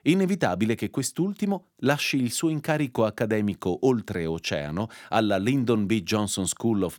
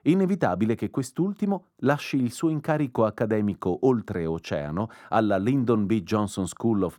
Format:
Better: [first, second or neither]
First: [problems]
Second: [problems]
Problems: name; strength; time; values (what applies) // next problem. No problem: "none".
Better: first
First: none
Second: muffled; slightly; fading above 1.5 kHz